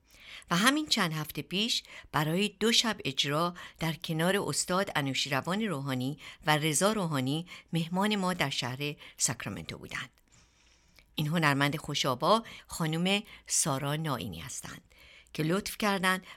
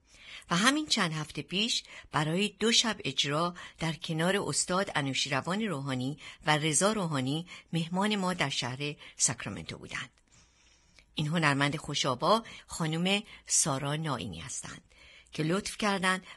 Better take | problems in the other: first | garbled, watery; badly; nothing above 10 kHz

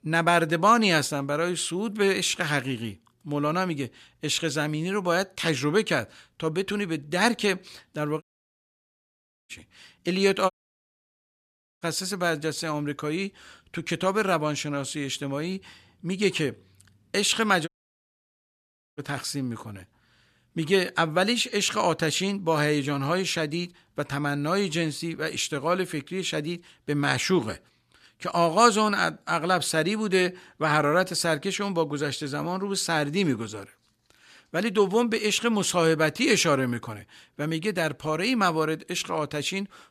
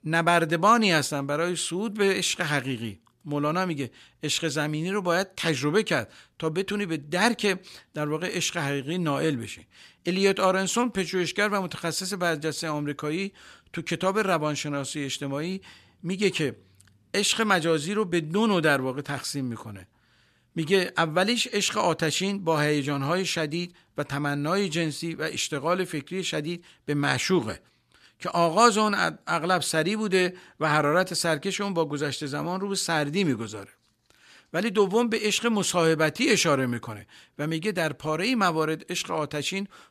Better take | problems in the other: second | audio cutting out; at 8 s for 1.5 s, at 11 s for 1.5 s and at 18 s for 1.5 s

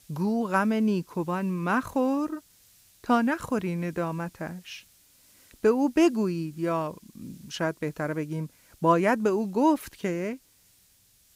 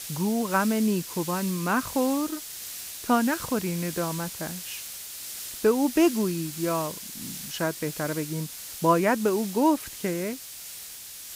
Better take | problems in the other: first | hiss; loud; throughout; 9 dB below the speech; faint in the first

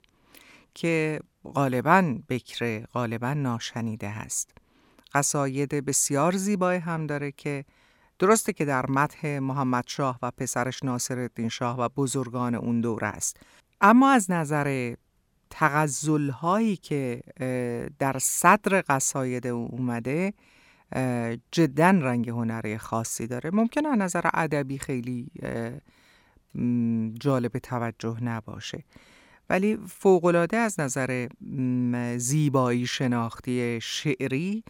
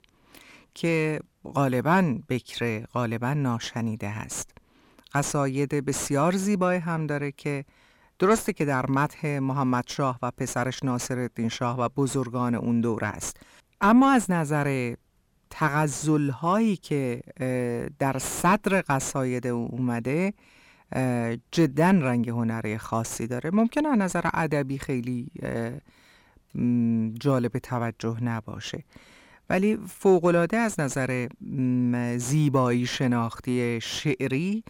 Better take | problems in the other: first | distortion; slight; 10 dB below the speech

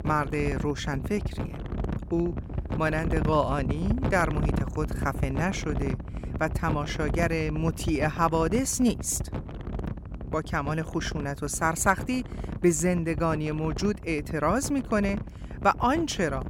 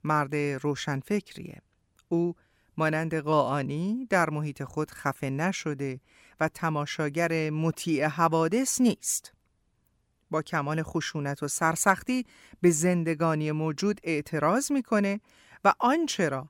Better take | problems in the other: second | wind noise on the microphone; occasional gusts; 15 dB below the speech

